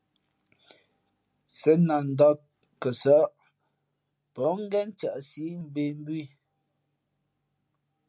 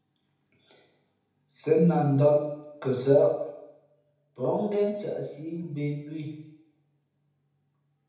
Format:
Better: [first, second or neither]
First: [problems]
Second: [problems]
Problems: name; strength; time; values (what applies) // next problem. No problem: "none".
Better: first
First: none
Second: room echo; dies away in 0.8 s